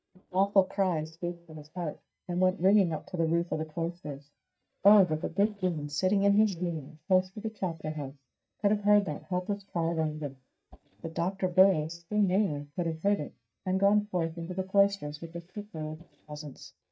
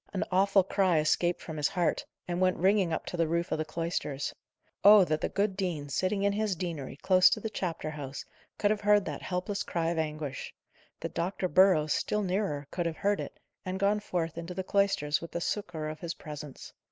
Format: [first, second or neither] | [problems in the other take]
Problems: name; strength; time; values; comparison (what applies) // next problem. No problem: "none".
second | noise reduction (neural mask model DeepFilterNet 3)